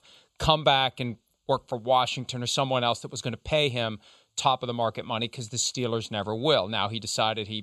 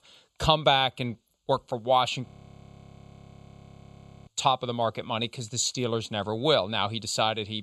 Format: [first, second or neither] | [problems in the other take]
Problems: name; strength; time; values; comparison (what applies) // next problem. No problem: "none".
first | audio freezing; at 2.5 s for 2 s